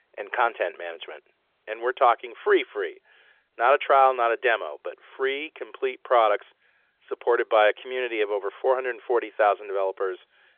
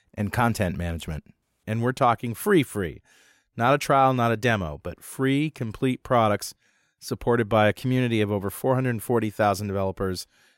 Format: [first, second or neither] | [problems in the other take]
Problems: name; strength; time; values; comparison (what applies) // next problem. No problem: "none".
second | phone-call audio; nothing above 3.5 kHz